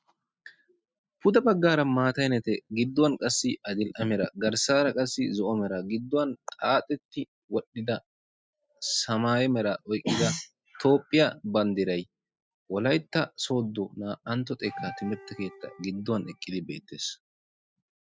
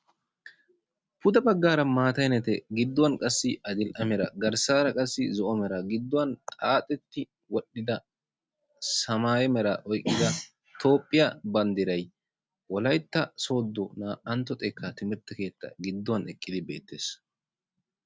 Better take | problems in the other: second | noise reduction (classical method spectral subtraction)

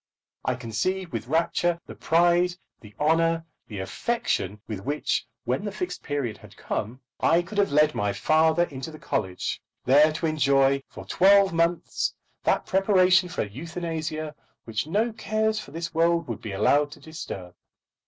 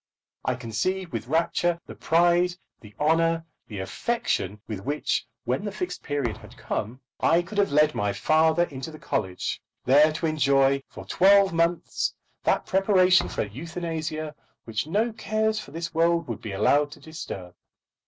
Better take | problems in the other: first | background sound (Thump, thud); 15 dB below the speech

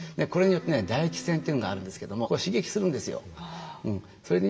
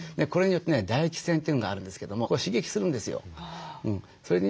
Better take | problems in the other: second | background sound (Wind instrument, woodwind instrument); 16 dB below the speech // room echo; dies away in 1.7 s

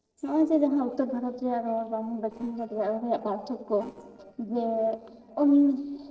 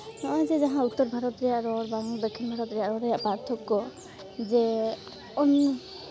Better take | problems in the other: second | noise reduction (neural separator model SepFormer DNS4)

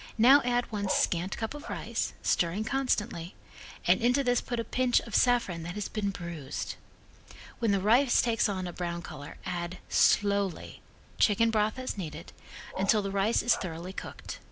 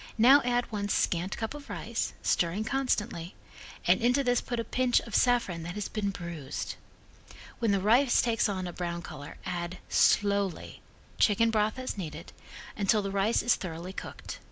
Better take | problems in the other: second | background sound (Bark); 12 dB below the speech

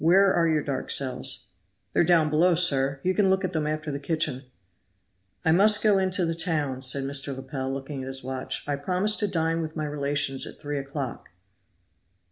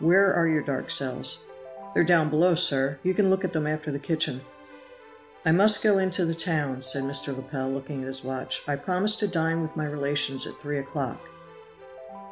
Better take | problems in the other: first | background sound (Keyboard (musical)); 19 dB below the speech

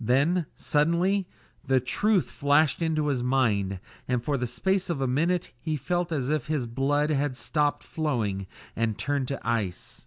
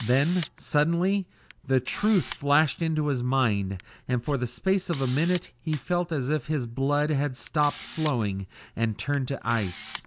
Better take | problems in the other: first | background sound (Camera); 20 dB below the speech

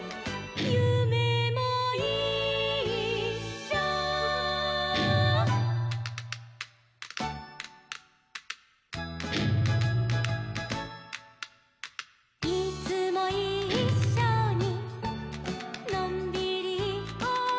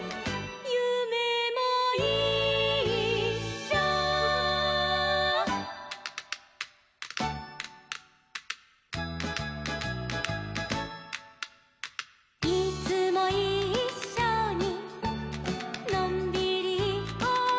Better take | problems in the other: second | background sound (Guitar); 1 dB below the speech

